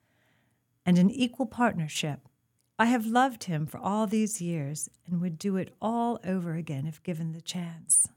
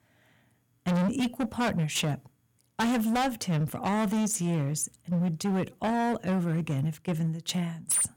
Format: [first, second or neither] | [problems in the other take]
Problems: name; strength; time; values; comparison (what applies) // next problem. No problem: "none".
first | distortion; heavy; 19% of the sound clipped